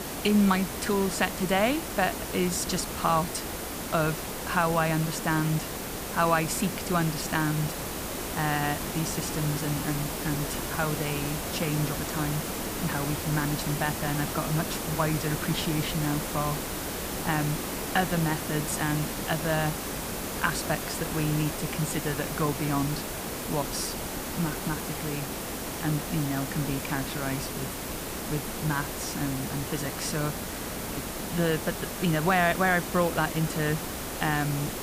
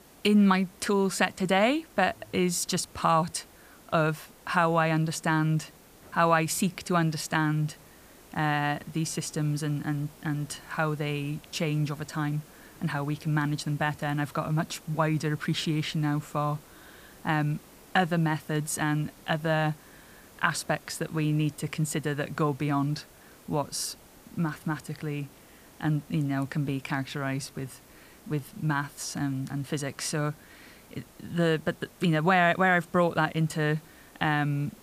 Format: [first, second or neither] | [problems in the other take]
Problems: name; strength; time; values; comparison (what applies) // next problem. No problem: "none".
second | hiss; loud; throughout; 3 dB below the speech; faint in the second